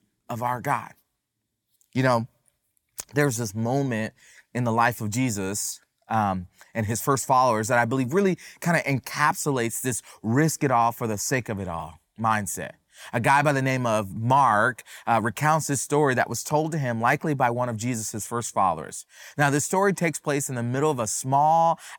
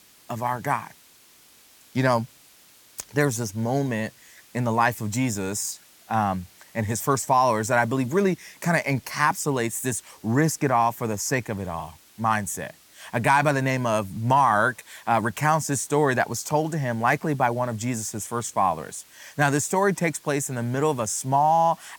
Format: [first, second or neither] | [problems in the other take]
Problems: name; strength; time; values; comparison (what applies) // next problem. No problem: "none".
first | hiss; faint; throughout; 25 dB below the speech